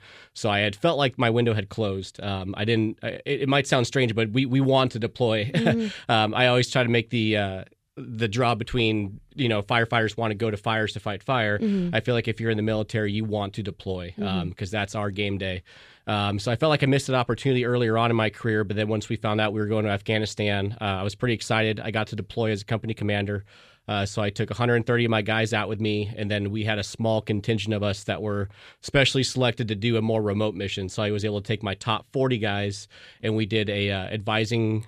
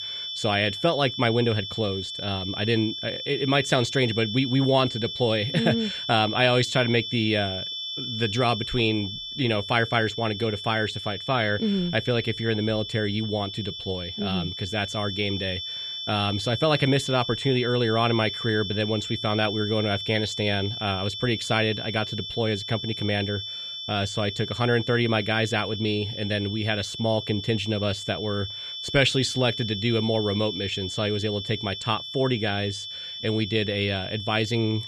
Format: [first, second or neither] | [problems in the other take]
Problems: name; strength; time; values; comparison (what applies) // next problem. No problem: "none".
first | high-pitched whine; loud; throughout; 3.5 kHz, 6 dB below the speech